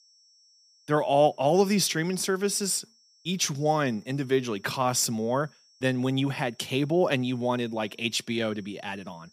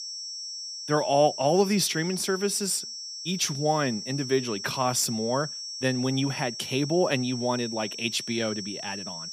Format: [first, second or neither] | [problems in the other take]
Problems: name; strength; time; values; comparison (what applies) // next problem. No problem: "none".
first | high-pitched whine; loud; throughout; 5.5 kHz, 8 dB below the speech; faint in the first